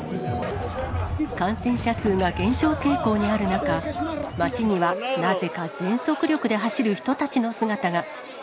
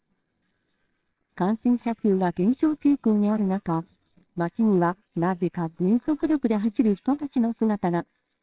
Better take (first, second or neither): first